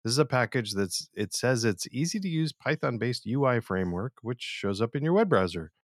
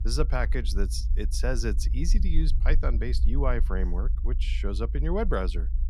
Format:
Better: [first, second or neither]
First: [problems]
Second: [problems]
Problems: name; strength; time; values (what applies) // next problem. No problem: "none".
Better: first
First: none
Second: low rumble; noticeable; throughout; 15 dB below the speech